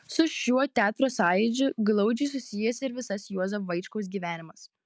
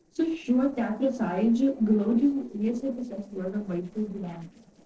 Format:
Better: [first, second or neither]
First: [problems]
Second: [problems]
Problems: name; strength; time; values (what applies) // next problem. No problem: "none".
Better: first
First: none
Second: noise reduction (neural separator model SepFormer DNS4)